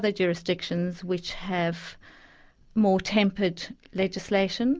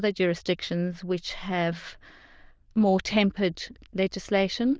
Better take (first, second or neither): first